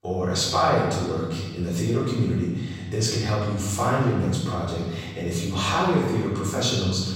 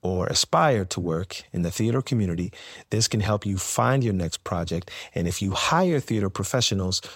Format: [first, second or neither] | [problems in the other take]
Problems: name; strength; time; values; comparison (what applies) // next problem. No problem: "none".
second | off-mic speech; far // room echo; noticeable; dies away in 1.3 s